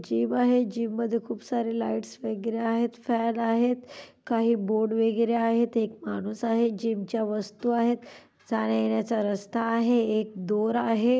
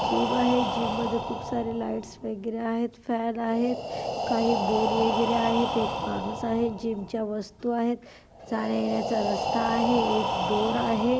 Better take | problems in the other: first | background sound (Breathing); 2 dB below the speech

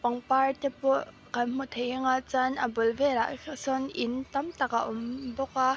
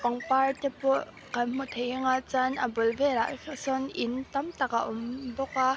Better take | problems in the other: first | background sound (Chirp, tweet); 20 dB below the speech

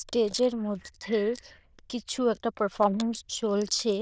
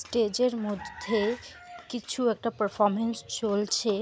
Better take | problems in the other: second | noise reduction (neural diffusion model UNIVERSE++)

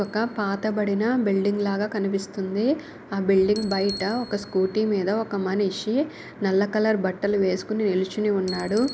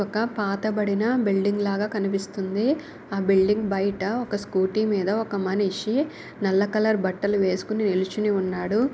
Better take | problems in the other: second | background sound (Bicycle); 19 dB below the speech

